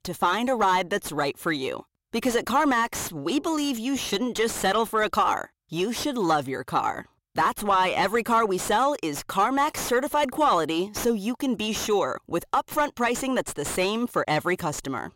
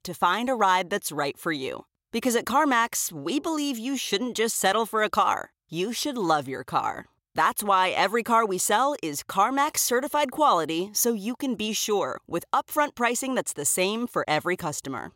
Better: second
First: distortion; slight; 10 dB below the speech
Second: none

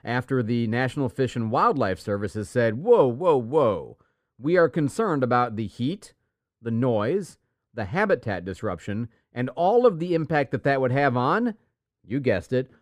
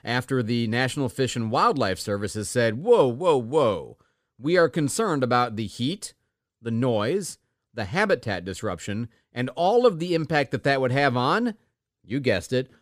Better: second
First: muffled; slightly; fading above 2.5 kHz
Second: none

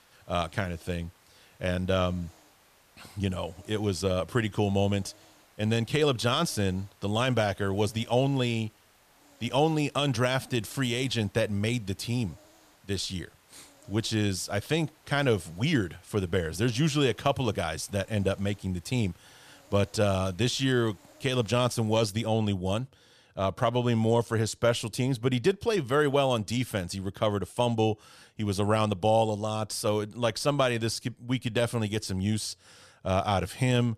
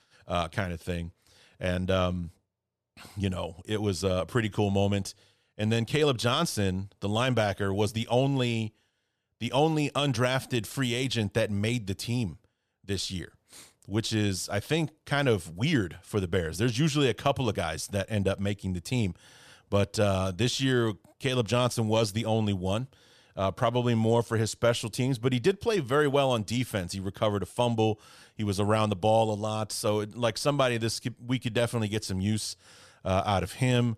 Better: second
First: hiss; faint; until 22 s; 30 dB below the speech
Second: none

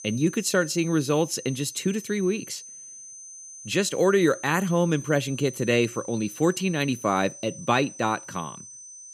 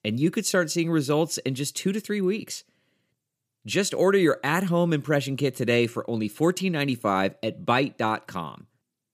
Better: second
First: high-pitched whine; noticeable; throughout; 6 kHz, 15 dB below the speech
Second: none

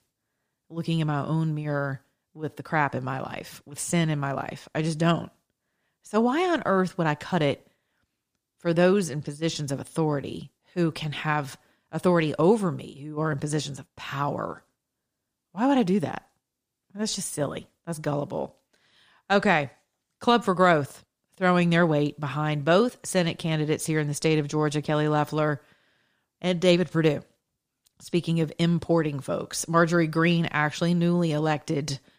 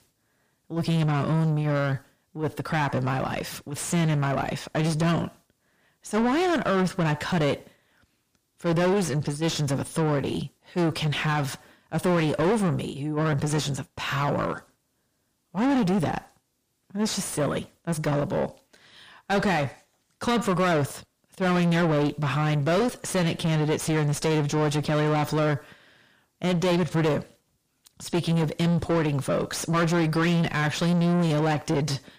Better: first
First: none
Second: distortion; heavy; 5 dB below the speech

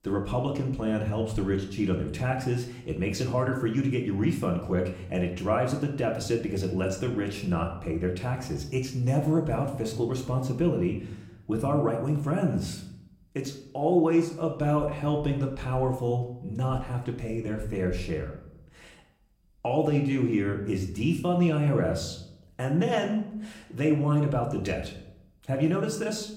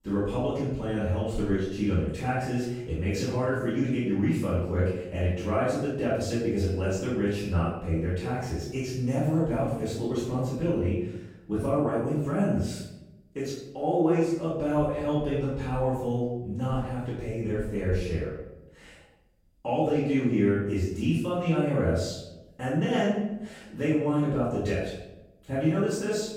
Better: first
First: room echo; slight; dies away in 0.6 s // off-mic speech; somewhat distant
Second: room echo; strong; dies away in 0.7 s // off-mic speech; far

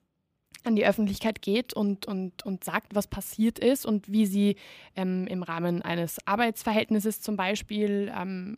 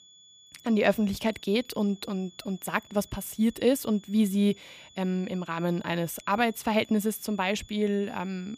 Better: first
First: none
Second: high-pitched whine; faint; throughout; 3.5 kHz, 25 dB below the speech

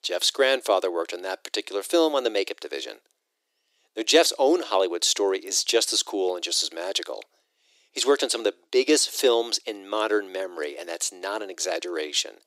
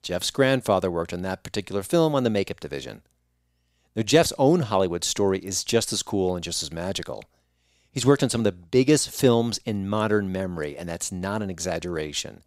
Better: second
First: thin; very; fading below 300 Hz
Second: none

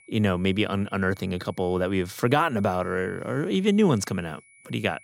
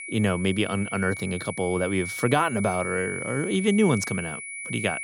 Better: first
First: high-pitched whine; faint; throughout; 2.5 kHz, 25 dB below the speech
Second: high-pitched whine; loud; throughout; 2.5 kHz, 8 dB below the speech

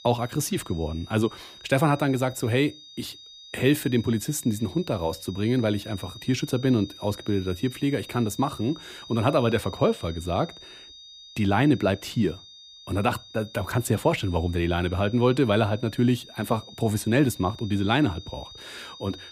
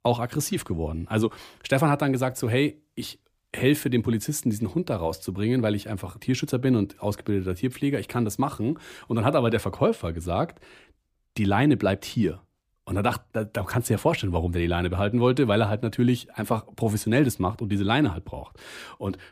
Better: second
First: high-pitched whine; noticeable; throughout; 3.5 kHz, 20 dB below the speech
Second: none

